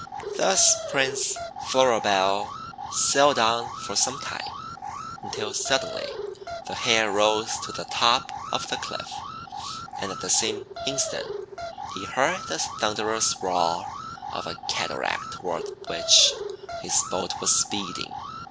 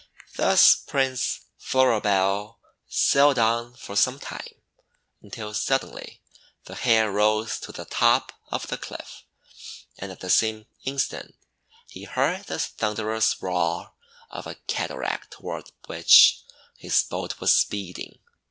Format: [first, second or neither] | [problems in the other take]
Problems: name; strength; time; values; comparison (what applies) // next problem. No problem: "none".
second | background sound (Alarm); 9 dB below the speech